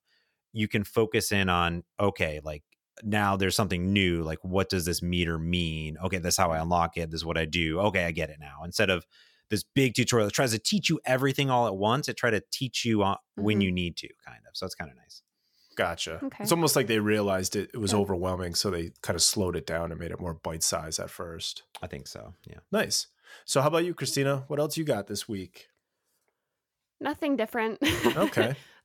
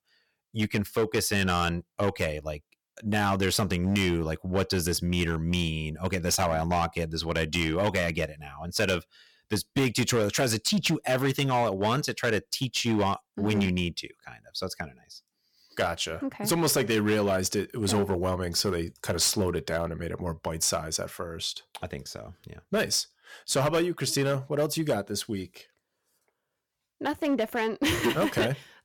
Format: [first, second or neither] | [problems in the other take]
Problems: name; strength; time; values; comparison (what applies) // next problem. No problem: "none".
first | distortion; slight; 6% of the sound clipped